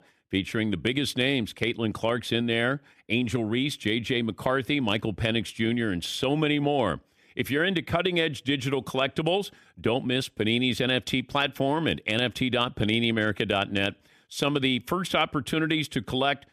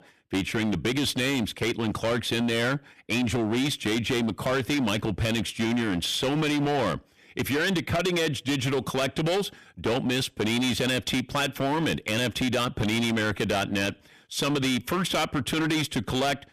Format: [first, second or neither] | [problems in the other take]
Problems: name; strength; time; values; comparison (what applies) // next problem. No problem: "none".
first | distortion; heavy; 21% of the sound clipped